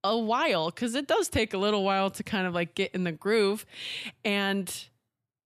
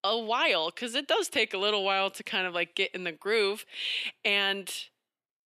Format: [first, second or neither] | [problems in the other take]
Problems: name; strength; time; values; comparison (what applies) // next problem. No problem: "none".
first | thin; somewhat; fading below 400 Hz